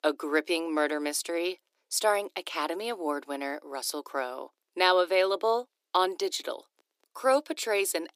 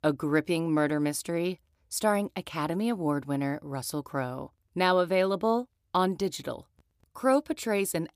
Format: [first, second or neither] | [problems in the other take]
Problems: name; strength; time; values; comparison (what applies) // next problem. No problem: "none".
second | thin; somewhat; fading below 350 Hz